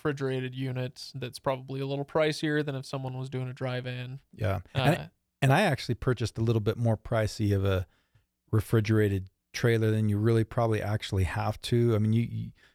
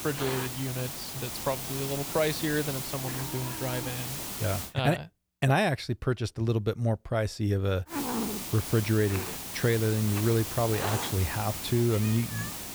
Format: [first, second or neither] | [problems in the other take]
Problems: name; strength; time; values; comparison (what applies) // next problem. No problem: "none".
first | hiss; loud; until 4.5 s and from 8 s on; 4 dB below the speech